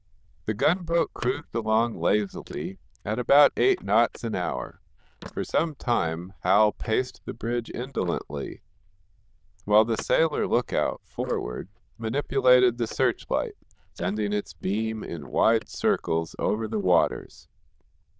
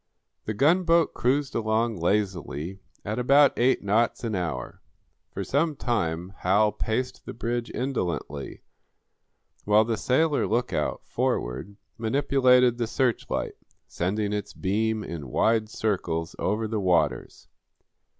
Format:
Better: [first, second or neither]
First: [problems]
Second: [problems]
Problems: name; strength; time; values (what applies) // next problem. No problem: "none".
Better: second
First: noise reduction (neural diffusion model UNIVERSE++)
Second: none